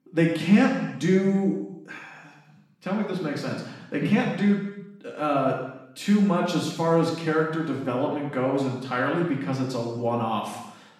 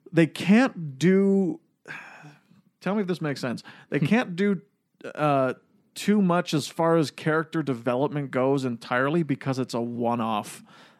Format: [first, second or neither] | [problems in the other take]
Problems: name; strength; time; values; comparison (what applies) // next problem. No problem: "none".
second | room echo; noticeable; dies away in 0.9 s // off-mic speech; far